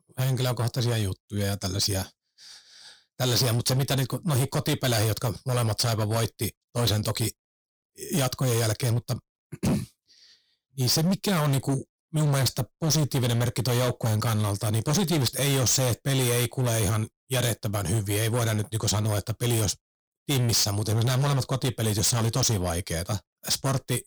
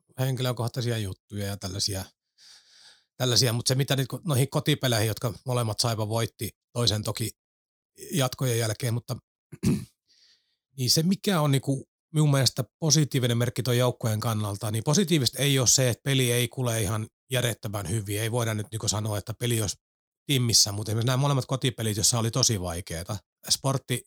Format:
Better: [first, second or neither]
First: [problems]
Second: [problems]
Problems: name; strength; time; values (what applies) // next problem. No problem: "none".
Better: second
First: distortion; heavy; 17% of the sound clipped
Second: none